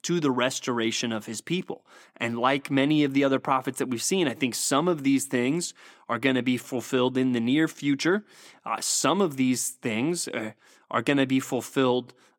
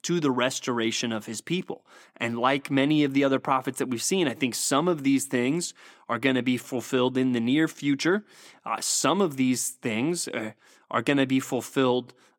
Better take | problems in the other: neither | none

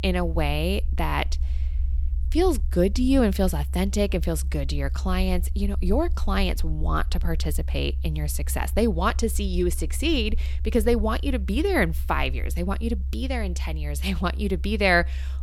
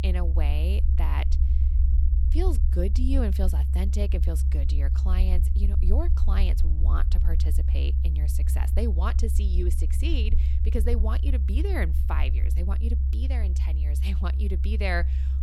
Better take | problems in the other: first | low rumble; loud; throughout; 7 dB below the speech; faint in the first

